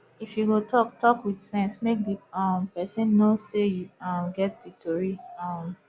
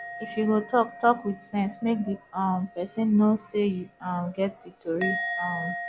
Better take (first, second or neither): first